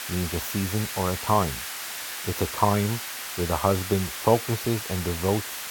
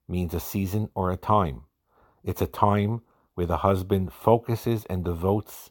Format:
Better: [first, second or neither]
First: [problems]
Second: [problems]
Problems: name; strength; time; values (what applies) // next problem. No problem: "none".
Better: second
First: hiss; loud; throughout; 5 dB below the speech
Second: none